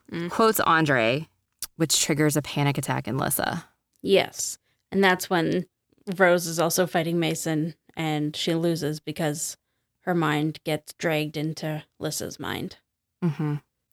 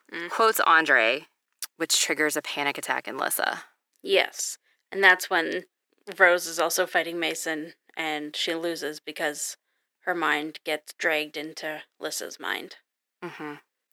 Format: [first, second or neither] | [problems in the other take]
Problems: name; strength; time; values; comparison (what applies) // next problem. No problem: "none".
first | thin; very; fading below 350 Hz